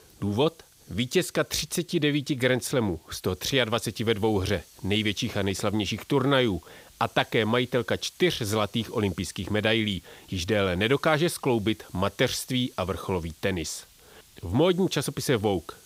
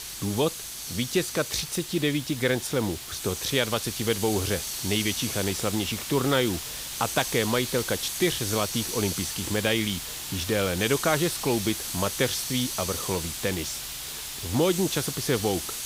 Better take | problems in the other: first | hiss; loud; throughout; 4 dB below the speech; faint in the first

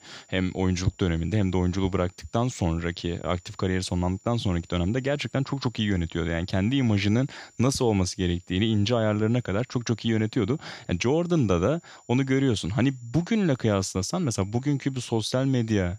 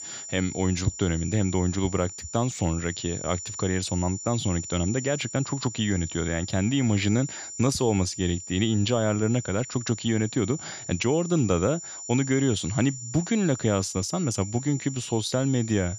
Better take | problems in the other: first | high-pitched whine; loud; throughout; 7 kHz, 10 dB below the speech; faint in the first

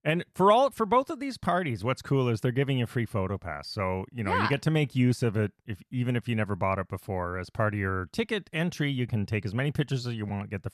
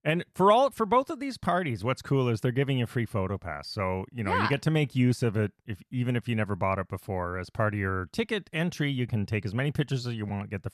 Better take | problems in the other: neither | none

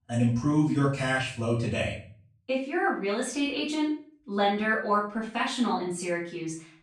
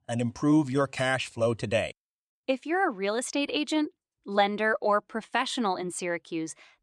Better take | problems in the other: second | room echo; noticeable; dies away in 0.4 s // off-mic speech; far

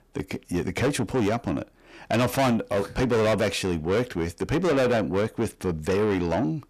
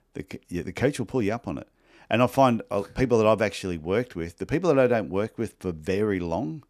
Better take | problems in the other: second | distortion; heavy; 6 dB below the speech

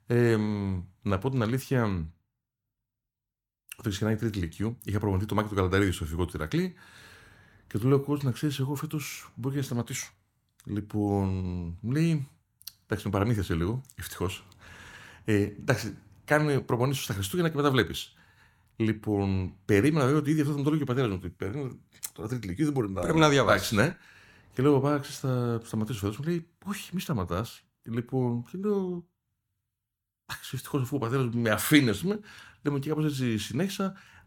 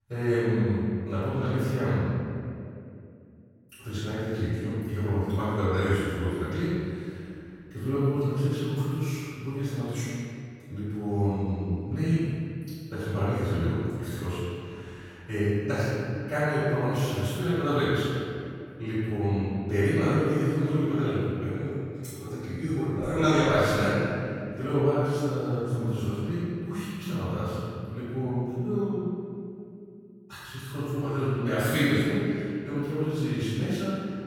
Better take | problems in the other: first | off-mic speech; far // room echo; strong; dies away in 2.3 s

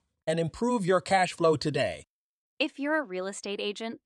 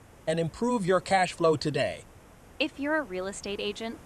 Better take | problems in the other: first | hiss; faint; throughout; 25 dB below the speech

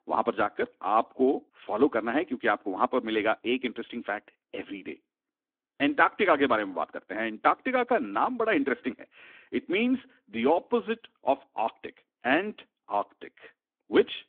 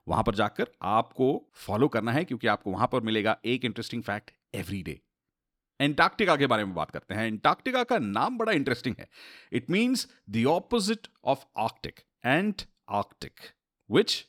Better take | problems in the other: second | phone-call audio; nothing above 3.5 kHz

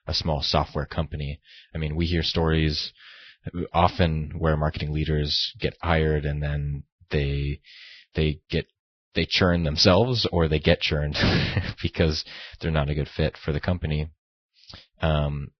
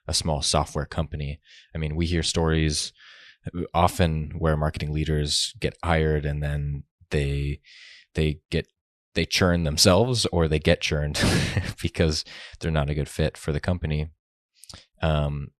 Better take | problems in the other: second | garbled, watery; badly; nothing above 5.5 kHz

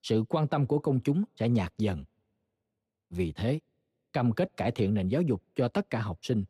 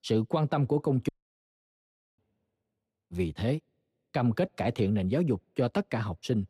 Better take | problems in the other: first | audio cutting out; at 1 s for 1 s

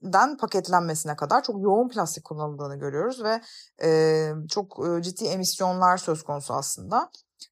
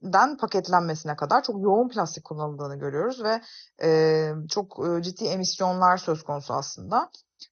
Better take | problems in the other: first | garbled, watery; slightly; nothing above 6.5 kHz

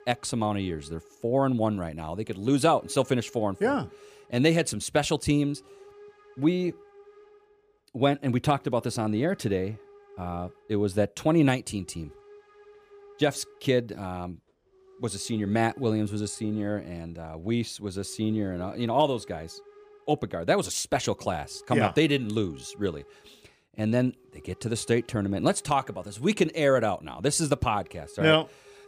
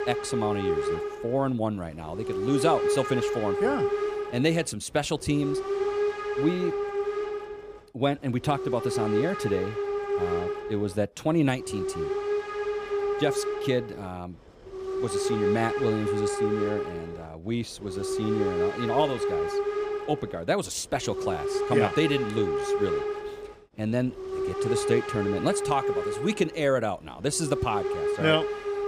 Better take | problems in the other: first | hiss; loud; throughout; 1 dB below the speech; faint in the first

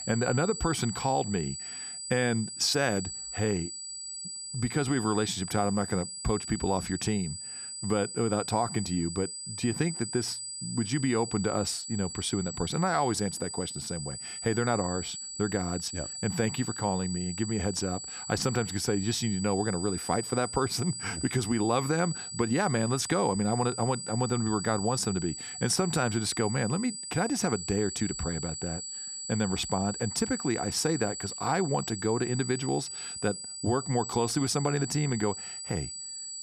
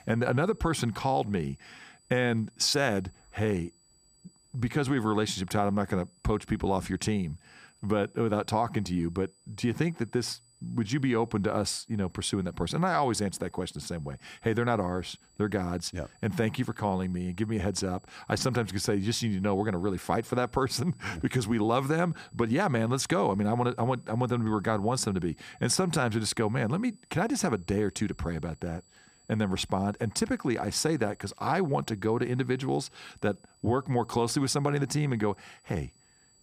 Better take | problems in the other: second | high-pitched whine; loud; throughout; 8 kHz, 6 dB below the speech; faint in the second

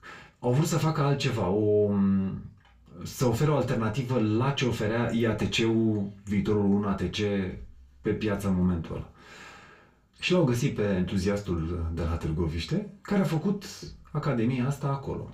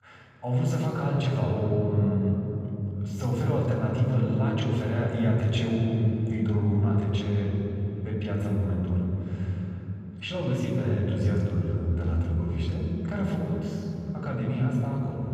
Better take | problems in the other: first | room echo; strong; dies away in 3 s; slight in the first // off-mic speech; far; far in the first

